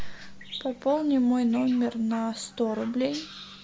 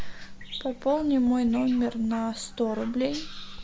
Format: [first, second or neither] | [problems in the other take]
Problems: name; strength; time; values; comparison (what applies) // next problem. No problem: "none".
first | background sound (Writing); 15 dB below the speech